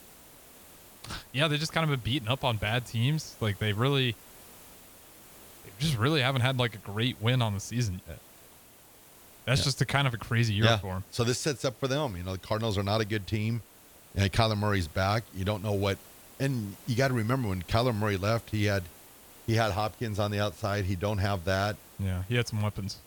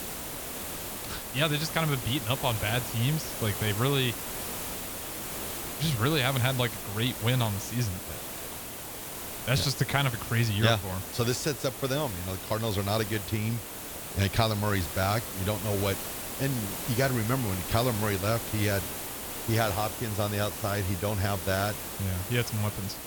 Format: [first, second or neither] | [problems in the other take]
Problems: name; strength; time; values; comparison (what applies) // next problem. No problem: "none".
first | hiss; loud; throughout; 6 dB below the speech; faint in the first